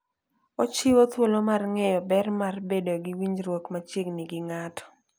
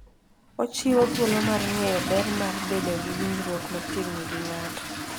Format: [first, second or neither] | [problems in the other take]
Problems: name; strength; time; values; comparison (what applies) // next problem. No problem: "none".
first | background sound (Fill (with liquid) / Toilet flush); 4 dB below the speech